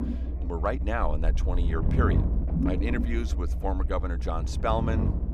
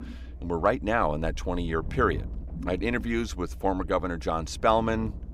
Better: second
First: low rumble; loud; throughout; 8 dB below the speech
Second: low rumble; faint; throughout; 25 dB below the speech

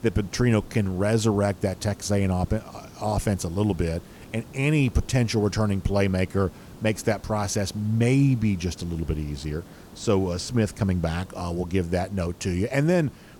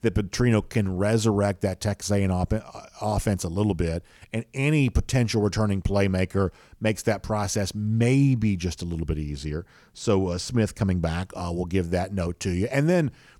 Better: second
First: hiss; faint; throughout; 20 dB below the speech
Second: none

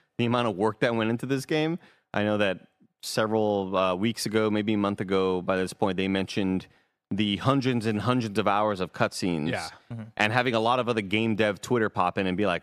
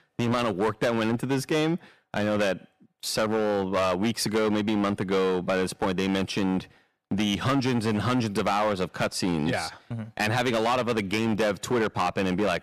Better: first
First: none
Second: distortion; heavy; 12% of the sound clipped

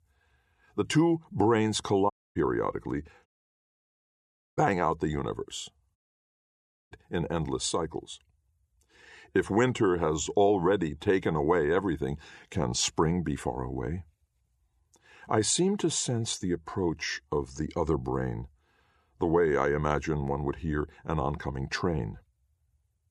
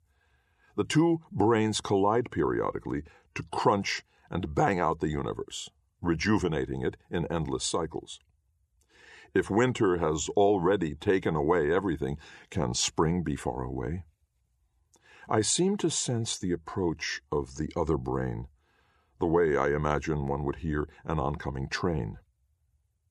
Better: second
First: audio cutting out; at 2 s, at 3.5 s for 1.5 s and at 6 s for 1 s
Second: none

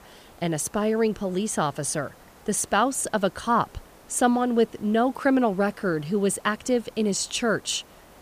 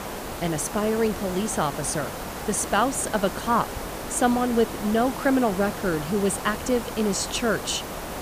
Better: first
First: hiss; faint; throughout; 25 dB below the speech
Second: hiss; loud; throughout; 8 dB below the speech

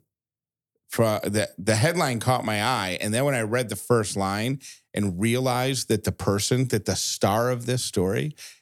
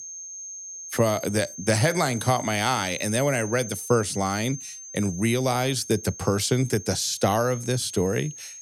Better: first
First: none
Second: high-pitched whine; noticeable; throughout; 6.5 kHz, 10 dB below the speech

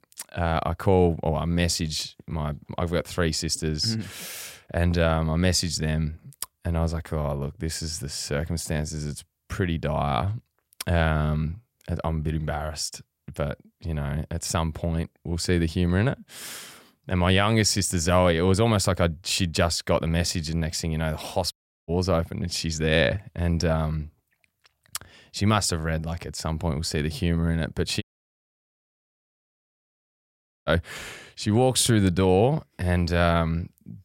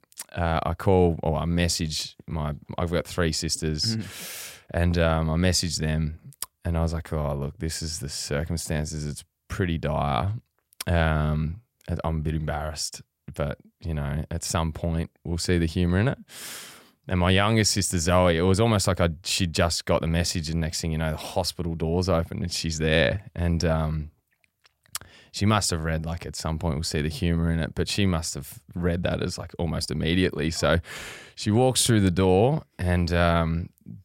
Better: second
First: audio cutting out; at 22 s and at 28 s for 2.5 s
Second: none

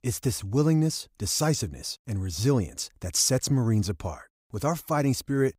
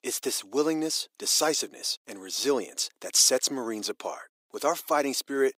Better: first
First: none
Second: thin; somewhat; fading below 350 Hz

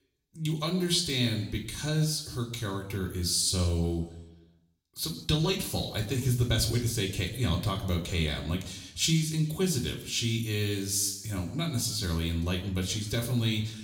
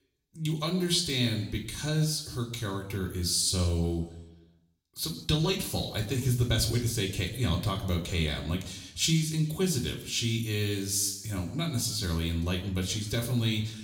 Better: neither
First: room echo; slight; dies away in 0.8 s // off-mic speech; somewhat distant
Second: room echo; slight; dies away in 0.8 s // off-mic speech; somewhat distant

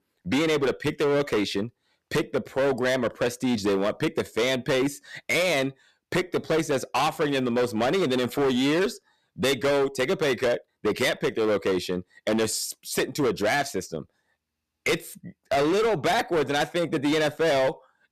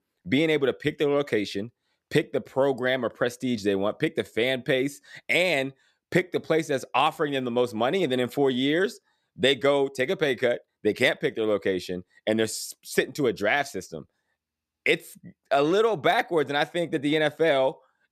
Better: second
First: distortion; heavy; 18% of the sound clipped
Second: none

